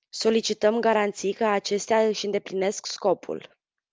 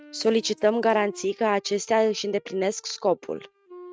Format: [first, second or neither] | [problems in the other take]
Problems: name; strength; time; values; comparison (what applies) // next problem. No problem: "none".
first | noise reduction (neural mask model RNNoise)